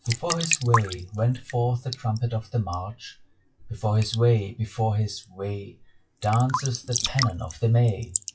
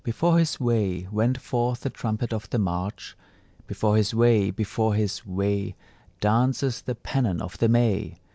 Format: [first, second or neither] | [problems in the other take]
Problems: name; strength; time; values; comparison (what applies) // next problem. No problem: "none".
second | noise reduction (classical method WPE with log-MMSE)